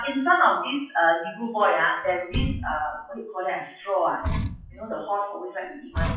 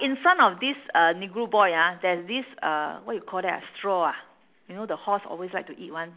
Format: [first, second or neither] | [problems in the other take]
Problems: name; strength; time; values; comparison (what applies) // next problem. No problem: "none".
second | noise reduction (classical method WPE with log-MMSE)